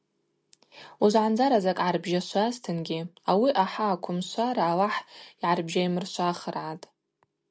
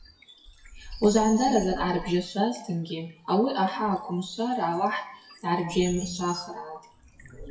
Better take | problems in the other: first | noise reduction (classical method WPE with log-MMSE)

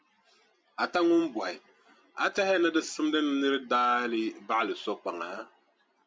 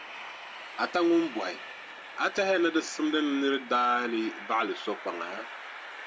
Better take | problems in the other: first | background sound (Train); 13 dB below the speech

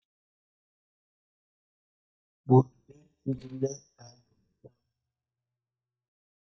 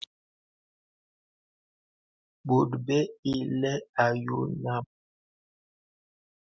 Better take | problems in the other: second | noise reduction (neural mask model DeepFilterNet 3)

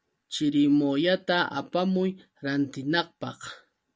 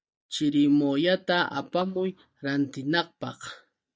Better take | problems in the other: first | noise reduction (neural mask model DeepFilterNet 3)

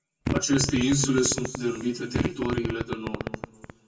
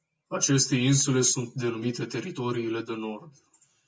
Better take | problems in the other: second | background sound (Fart); 4 dB below the speech // room echo; dies away in 1.7 s

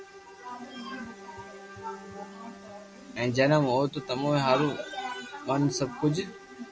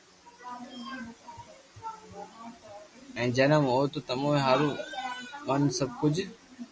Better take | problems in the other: second | background sound (Bowed string instrument + Bowed string instrument); 18 dB below the speech

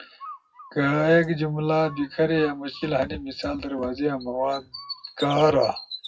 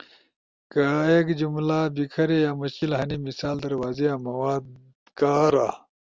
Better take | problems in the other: second | noise reduction (classical method WPE with log-MMSE)

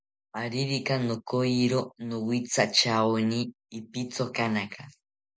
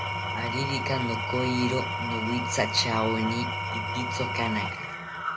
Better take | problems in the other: first | background sound (Engine / Tools); as loud as the speech

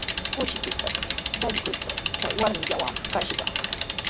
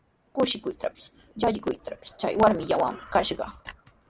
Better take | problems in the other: second | background sound (Bicycle); 2 dB above the speech

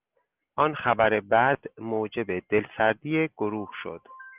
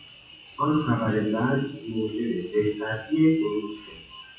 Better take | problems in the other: first | noise reduction (classical method WPE with log-MMSE)

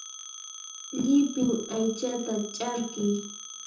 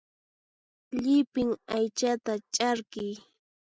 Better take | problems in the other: second | background sound (Telephone); 13 dB below the speech // room echo; dies away in 0.6 s

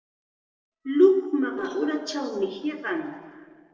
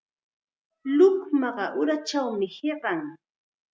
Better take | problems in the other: second | noise reduction (neural separator model SepFormer DNS4)

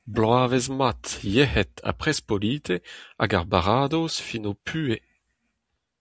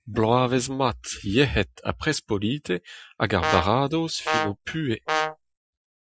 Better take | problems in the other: first | noise reduction (classical method Wiener filter)

